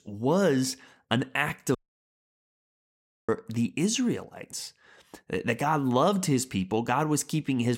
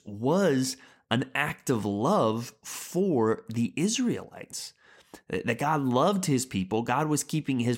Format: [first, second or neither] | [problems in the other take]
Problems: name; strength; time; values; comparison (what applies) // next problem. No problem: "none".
second | audio cutting out; at 2 s for 1.5 s